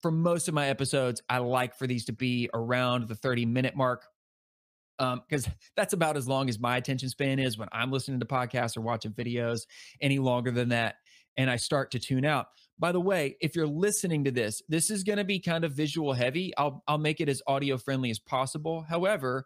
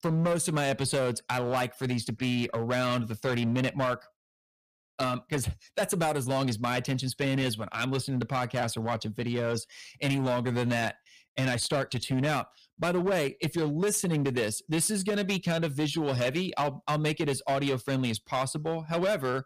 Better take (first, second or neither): first